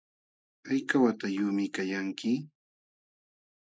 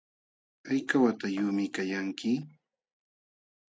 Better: second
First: noise reduction (neural mask model Resemble Enhance denoiser)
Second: none

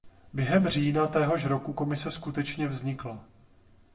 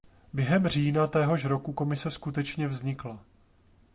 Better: second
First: room echo; dies away in 0.6 s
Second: none

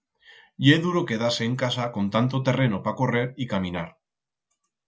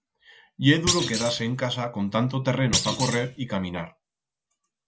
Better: first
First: none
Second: background sound (Thump, thud); 4 dB below the speech

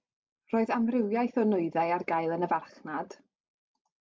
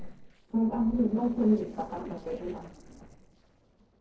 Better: first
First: none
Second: noise reduction (neural separator model SepFormer DNS4)

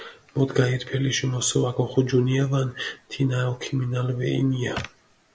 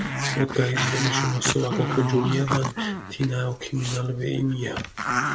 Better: first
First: none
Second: background sound (Growling); 2 dB below the speech

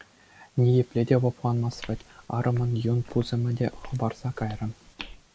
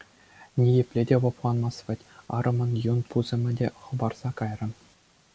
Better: second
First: background sound (Walk, footsteps); 18 dB below the speech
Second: none

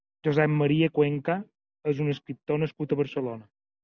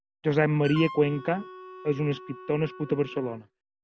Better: first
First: none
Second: background sound (Wind instrument, woodwind instrument); 16 dB below the speech

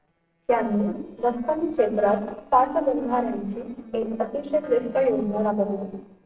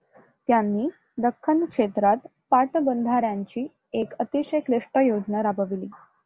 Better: second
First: noise reduction (neural separator model SepFormer DNS4)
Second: none

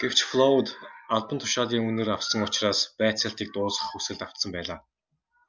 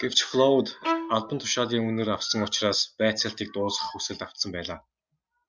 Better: first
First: none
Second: noise reduction (neural mask model RNNoise)

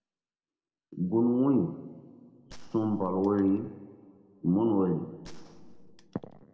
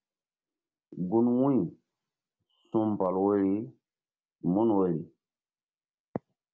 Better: second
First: background sound (Gunshot, gunfire); 17 dB below the speech // room echo; dies away in 1.8 s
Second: none

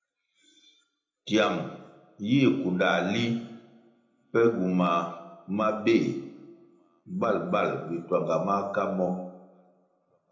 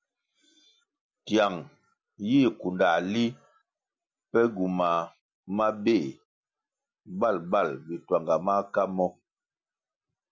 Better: second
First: room echo; dies away in 0.8 s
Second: none

